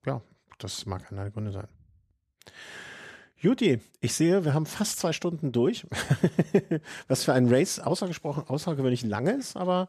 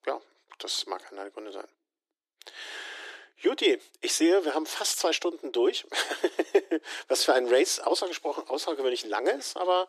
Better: first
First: none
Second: thin; very; fading below 300 Hz

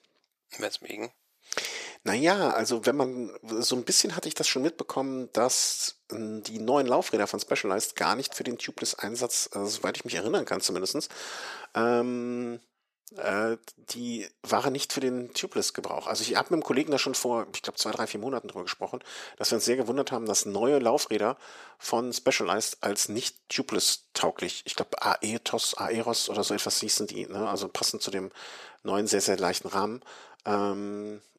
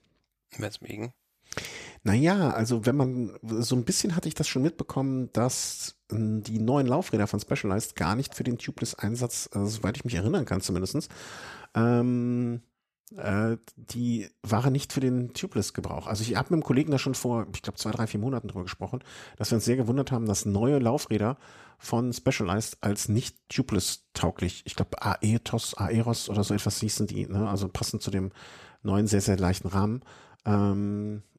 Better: second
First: thin; somewhat; fading below 450 Hz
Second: none

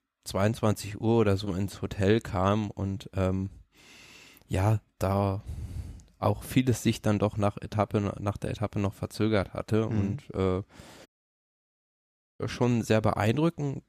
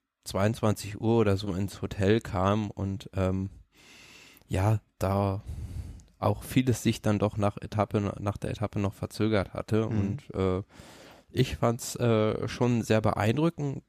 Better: second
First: audio cutting out; at 11 s for 1.5 s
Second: none

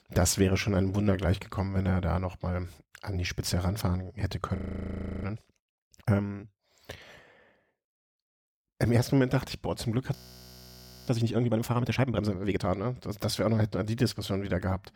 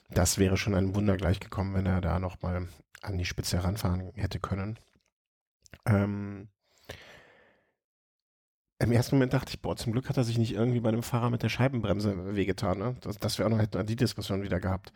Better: second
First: audio freezing; at 4.5 s for 0.5 s and at 10 s for 1 s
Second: none

